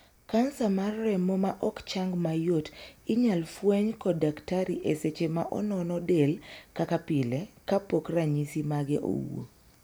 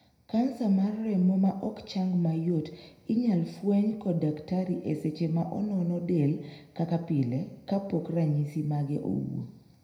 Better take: first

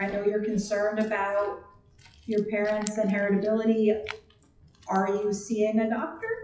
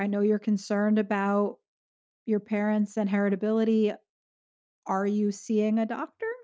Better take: second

